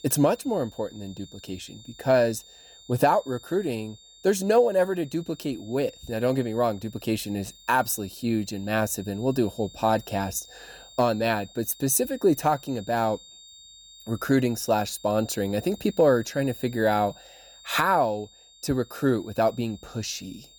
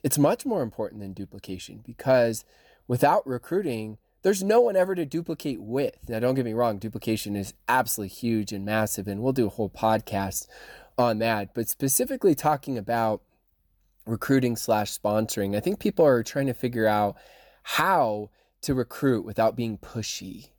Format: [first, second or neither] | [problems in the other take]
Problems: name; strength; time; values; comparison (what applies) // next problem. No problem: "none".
second | high-pitched whine; faint; throughout; 3.5 kHz, 20 dB below the speech